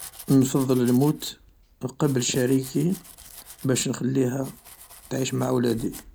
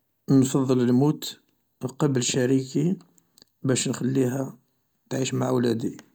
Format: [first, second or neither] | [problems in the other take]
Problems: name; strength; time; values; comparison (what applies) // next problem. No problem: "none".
second | background sound (Domestic sounds, home sounds); 19 dB below the speech